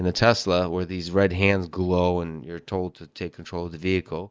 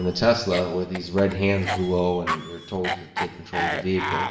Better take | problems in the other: first | background sound (Cough); 6 dB below the speech // room echo; dies away in 1 s

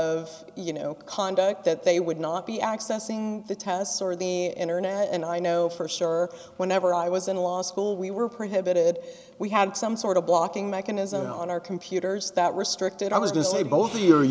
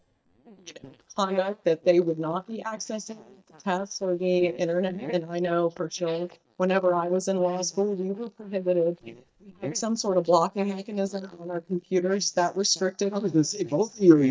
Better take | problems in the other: first | noise reduction (neural mask model DeepFilterNet 3)

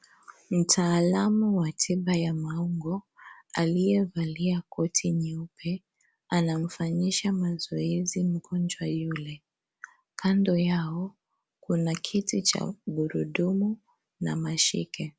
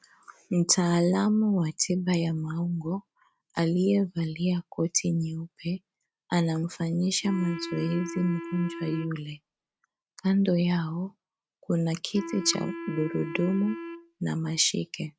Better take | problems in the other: first | noise reduction (neural mask model RNNoise)

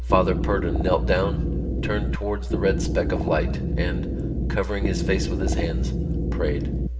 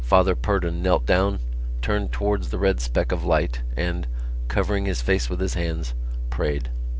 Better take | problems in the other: second | background sound (Wind instrument, woodwind instrument); 1 dB below the speech // room echo; dies away in 0.7 s

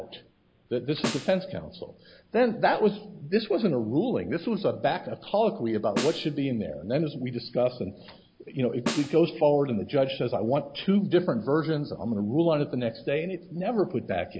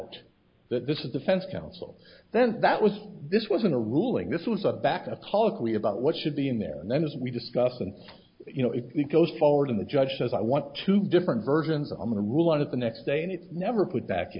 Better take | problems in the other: second | background sound (Snare drum); 10 dB below the speech

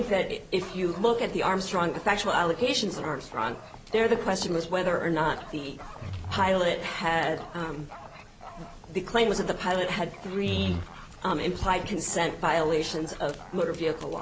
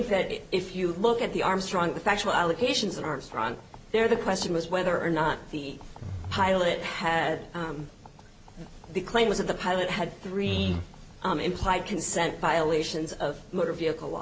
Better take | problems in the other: second | background sound (Dog); 19 dB below the speech

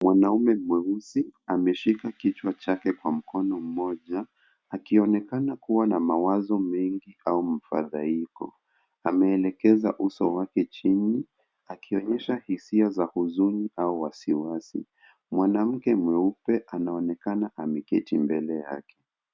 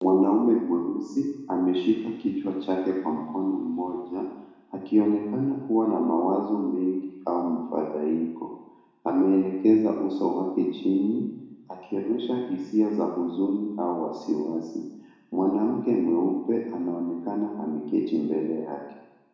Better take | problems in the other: first | room echo; dies away in 1 s

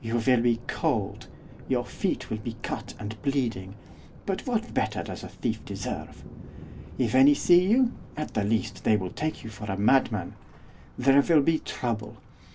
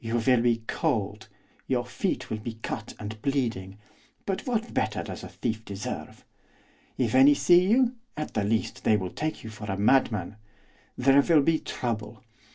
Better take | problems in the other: second | background sound (Thunder); 18 dB below the speech

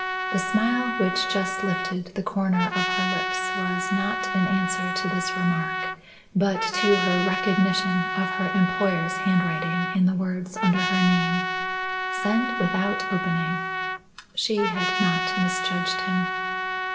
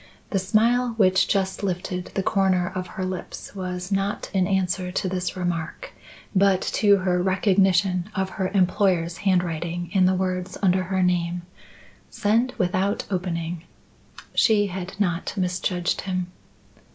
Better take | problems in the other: second | background sound (Trumpet); 2 dB below the speech // room echo; dies away in 0.9 s

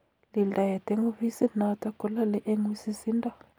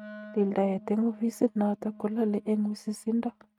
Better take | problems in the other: first | noise reduction (neural mask model RNNoise)

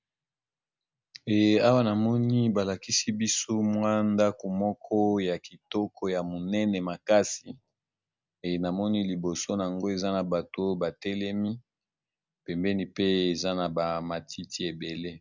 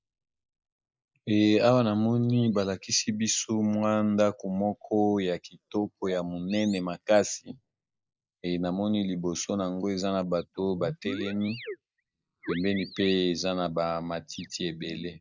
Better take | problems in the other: first | noise reduction (neural mask model Resemble Enhance denoiser)

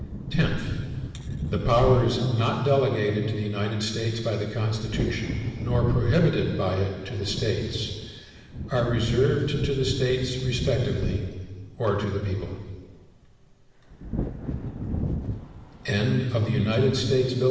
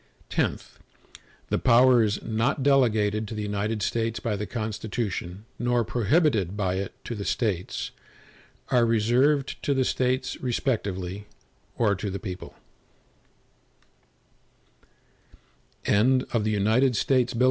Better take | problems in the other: second | background sound (Thunder / Wind); 8 dB below the speech // room echo; dies away in 1.7 s

